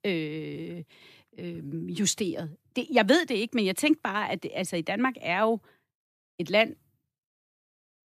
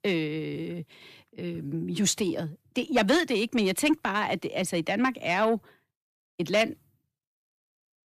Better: first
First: none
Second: distortion; slight; 10 dB below the speech

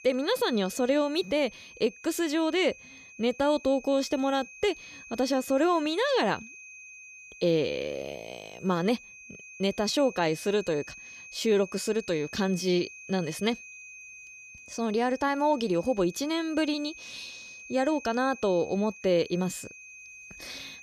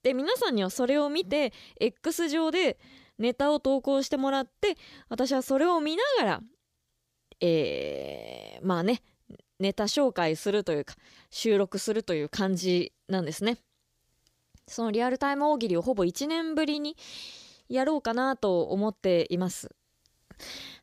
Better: second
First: high-pitched whine; noticeable; throughout; 2.5 kHz, 15 dB below the speech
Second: none

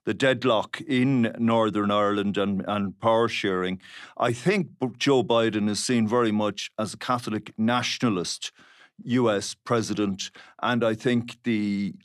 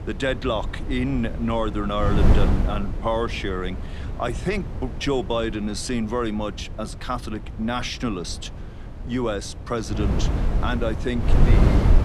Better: first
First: none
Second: wind noise on the microphone; heavy; 7 dB below the speech

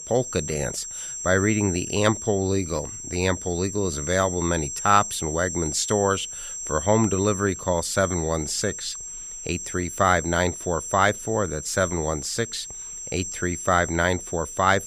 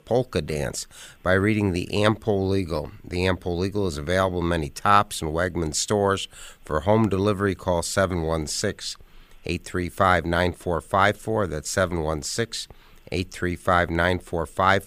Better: second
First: high-pitched whine; loud; throughout; 7.5 kHz, 7 dB below the speech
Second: none

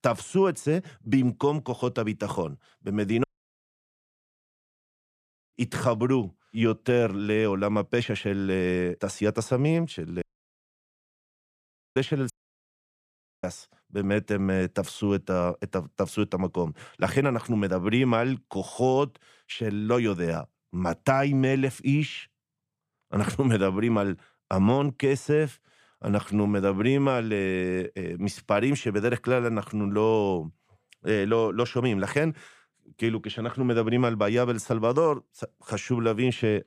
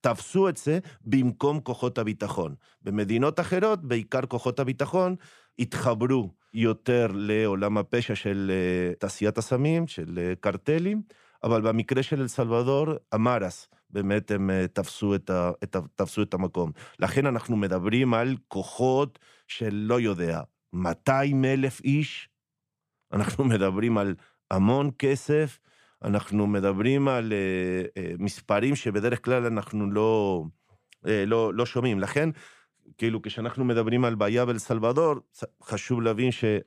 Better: second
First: audio cutting out; at 3 s for 2.5 s, at 10 s for 1.5 s and at 12 s for 1 s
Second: none

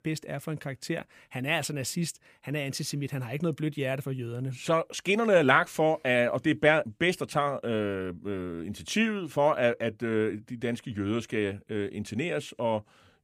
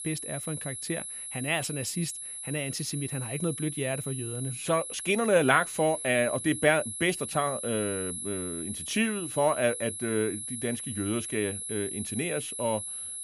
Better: first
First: none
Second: high-pitched whine; loud; throughout; 11 kHz, 5 dB below the speech

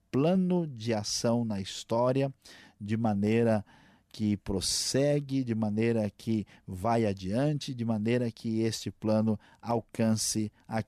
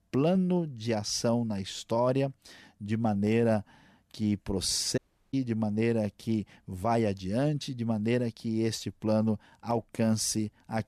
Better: first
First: none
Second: audio cutting out; at 5 s

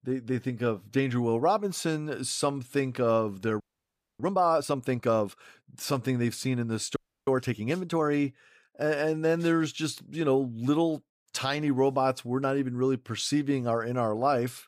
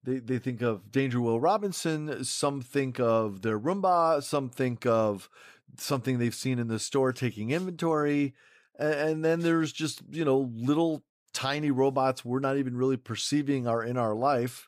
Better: second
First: audio freezing; at 3.5 s for 0.5 s and at 7 s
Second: none

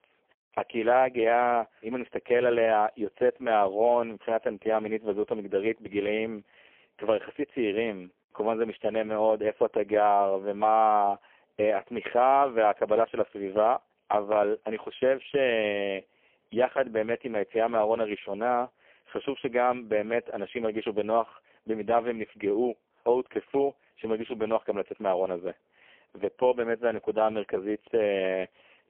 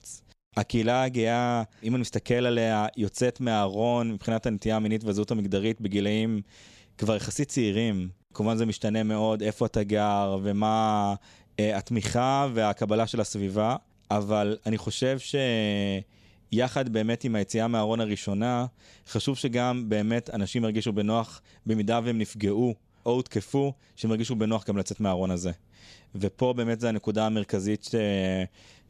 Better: second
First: phone-call audio; poor line; nothing above 3.5 kHz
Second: none

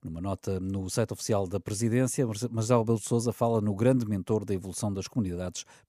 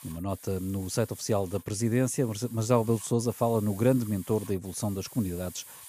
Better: first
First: none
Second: hiss; noticeable; throughout; 20 dB below the speech

